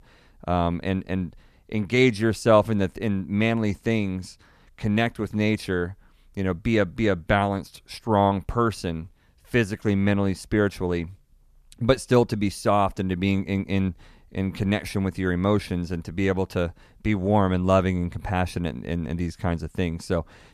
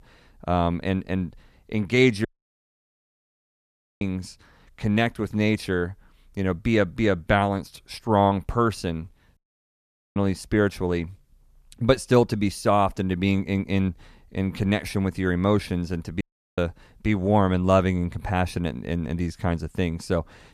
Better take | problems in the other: first | audio cutting out; at 2.5 s for 2 s, at 9.5 s for 1 s and at 16 s

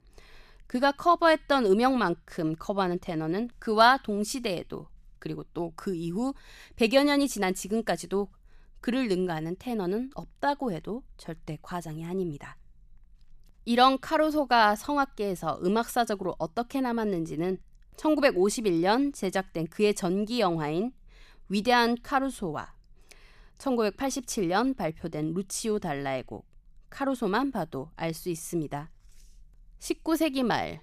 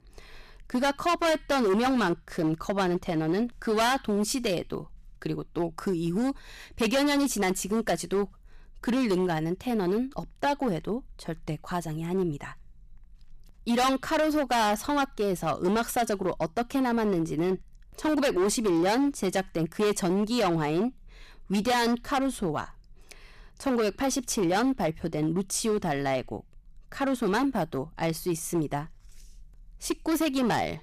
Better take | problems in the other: first | distortion; heavy; 12% of the sound clipped

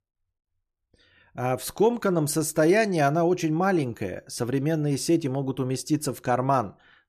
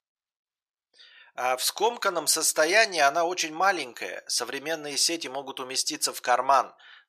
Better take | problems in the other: first | thin; very; fading below 800 Hz

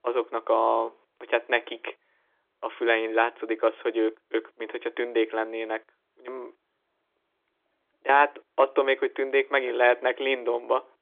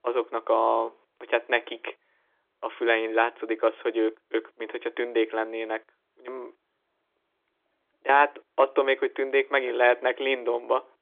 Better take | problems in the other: neither | phone-call audio; nothing above 3.5 kHz; the same in both

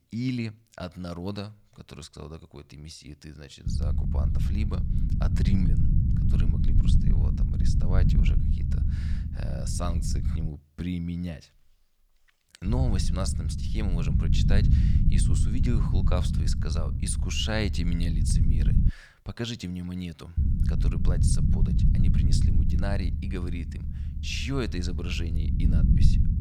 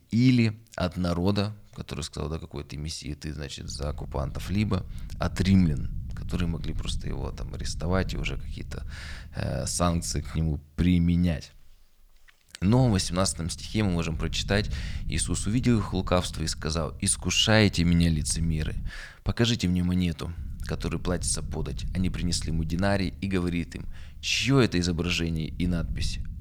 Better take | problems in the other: second | low rumble; loud; from 3.5 to 10 s, from 13 to 19 s and from 20 s on; 3 dB below the speech; faint in the second

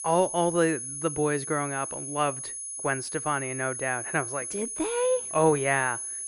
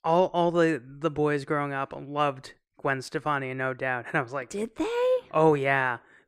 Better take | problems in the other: second | high-pitched whine; loud; throughout; 10 kHz, 5 dB below the speech

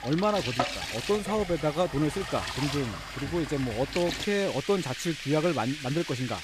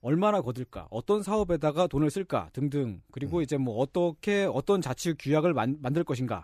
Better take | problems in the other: second | household noises; loud; throughout; 5 dB below the speech

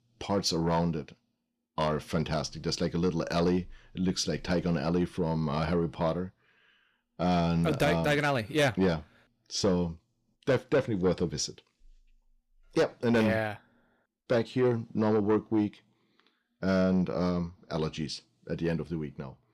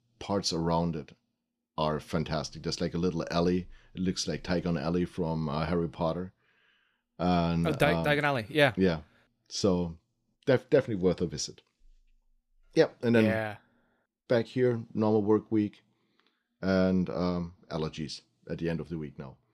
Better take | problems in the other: second | distortion; slight; 10 dB below the speech

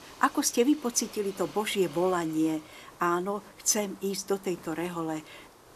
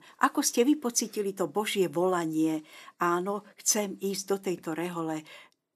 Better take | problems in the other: second | hiss; faint; throughout; 20 dB below the speech

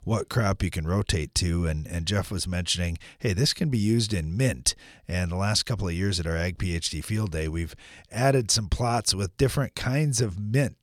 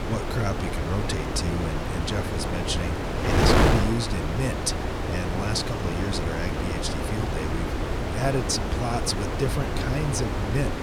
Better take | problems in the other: first | wind noise on the microphone; heavy; 2 dB above the speech

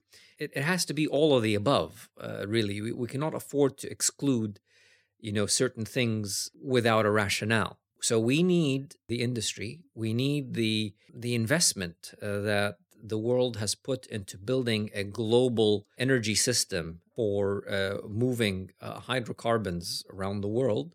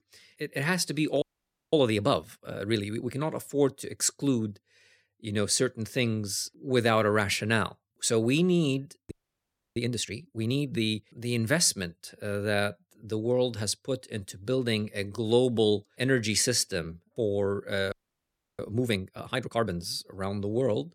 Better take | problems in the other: first | audio freezing; at 1 s for 0.5 s, at 9 s for 0.5 s and at 18 s for 0.5 s

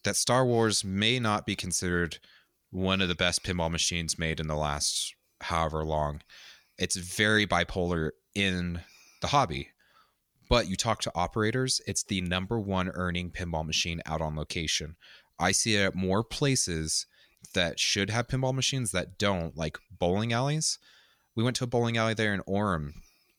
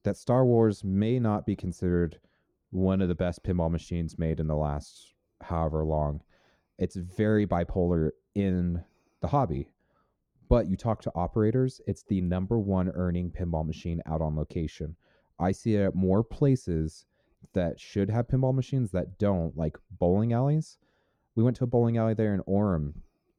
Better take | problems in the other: first | muffled; very; fading above 1.5 kHz

